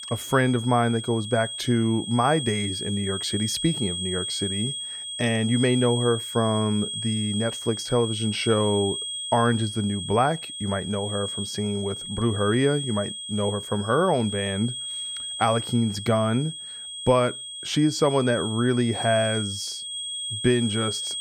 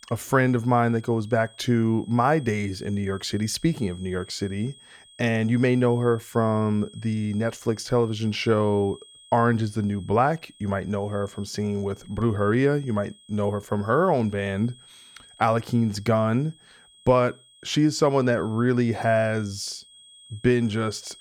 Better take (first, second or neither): second